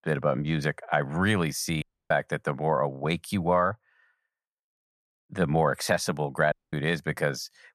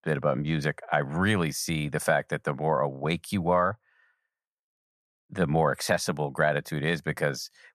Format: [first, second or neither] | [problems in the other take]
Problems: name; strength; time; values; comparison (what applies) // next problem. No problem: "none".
second | audio cutting out; at 2 s and at 6.5 s